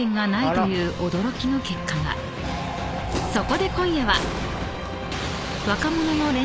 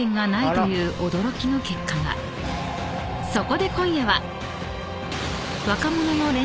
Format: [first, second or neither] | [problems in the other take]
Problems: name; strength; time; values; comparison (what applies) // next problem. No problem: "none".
second | background sound (Bird + Explosion); 9 dB below the speech